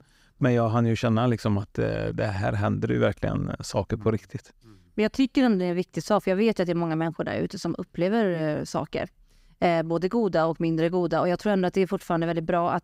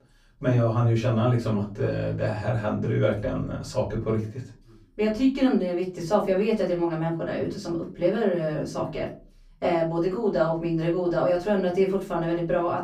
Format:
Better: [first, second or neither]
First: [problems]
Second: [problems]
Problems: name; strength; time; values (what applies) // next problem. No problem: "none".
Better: first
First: none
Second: room echo; slight; dies away in 0.3 s // off-mic speech; far